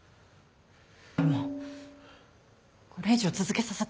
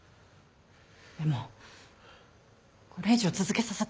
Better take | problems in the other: second | background sound (Snare drum); 3 dB below the speech

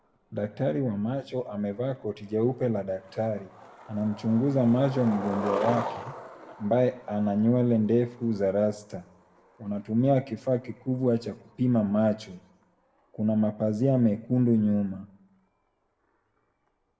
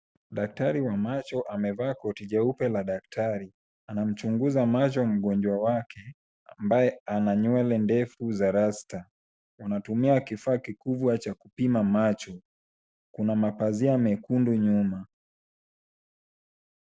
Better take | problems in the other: second | background sound (Skateboard); 15 dB below the speech // room echo; dies away in 0.5 s

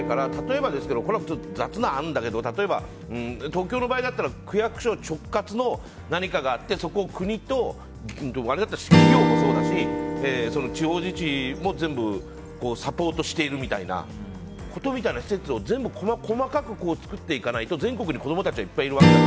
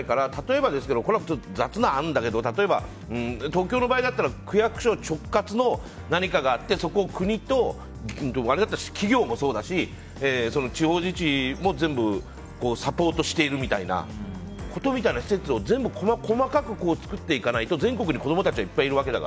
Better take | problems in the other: second | background sound (Strum); as loud as the speech

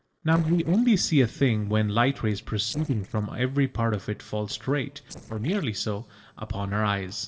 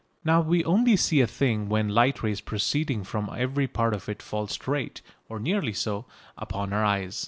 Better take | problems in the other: second | noise reduction (neural separator model SepFormer DNS4)

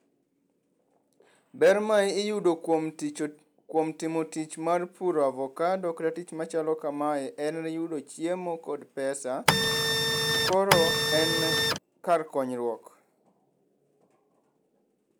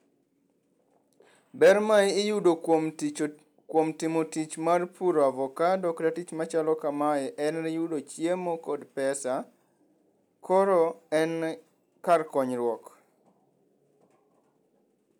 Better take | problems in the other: second | background sound (Printer); 4 dB above the speech

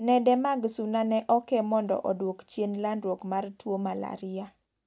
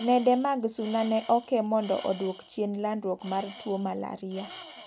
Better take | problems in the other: first | background sound (Tools); 19 dB below the speech

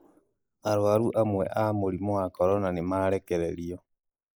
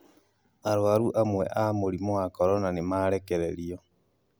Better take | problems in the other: second | noise reduction (neural mask model Resemble Enhance denoiser)

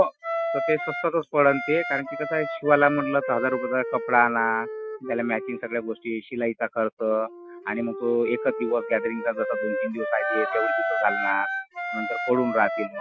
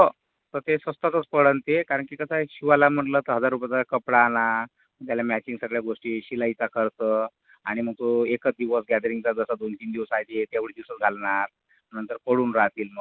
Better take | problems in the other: second | noise reduction (classical method Wiener filter)

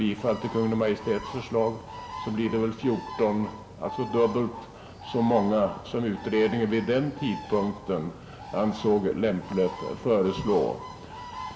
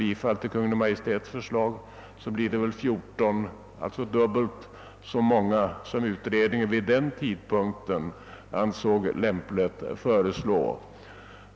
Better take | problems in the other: second | background sound (Bird); 14 dB below the speech // room echo; dies away in 0.4 s

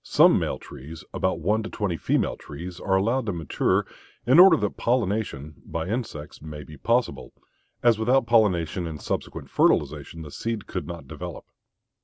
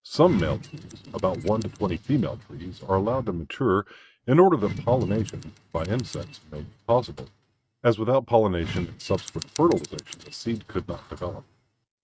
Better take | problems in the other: first | noise reduction (neural mask model RNNoise)

